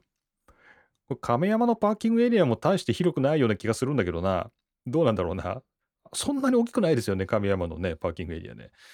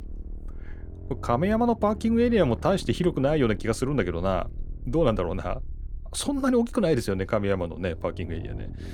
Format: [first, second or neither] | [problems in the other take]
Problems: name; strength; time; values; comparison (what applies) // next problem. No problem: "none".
first | low rumble; faint; throughout; 25 dB below the speech